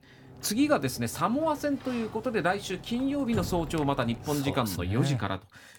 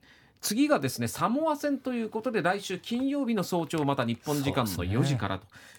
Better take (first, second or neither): second